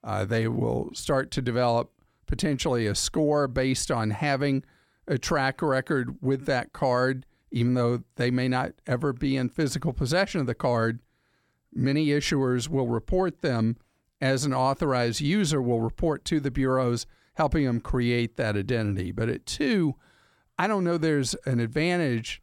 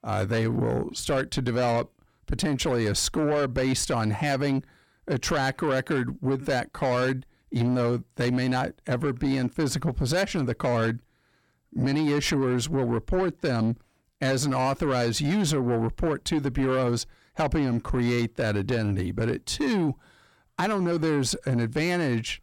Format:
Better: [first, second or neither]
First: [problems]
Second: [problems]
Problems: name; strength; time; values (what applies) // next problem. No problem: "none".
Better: first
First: none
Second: distortion; slight; 10 dB below the speech